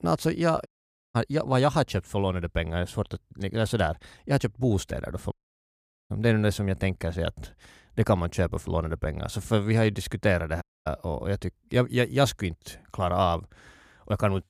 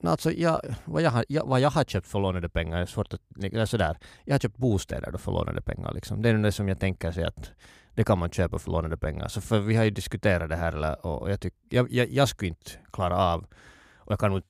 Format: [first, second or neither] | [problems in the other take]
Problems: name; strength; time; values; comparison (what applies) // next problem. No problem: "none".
second | audio cutting out; at 0.5 s, at 5.5 s for 1 s and at 11 s